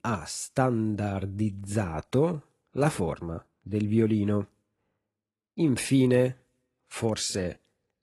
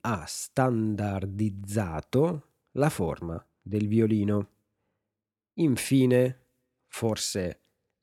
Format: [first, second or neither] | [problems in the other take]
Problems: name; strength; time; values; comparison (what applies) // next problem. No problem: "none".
second | garbled, watery; slightly; nothing above 11.5 kHz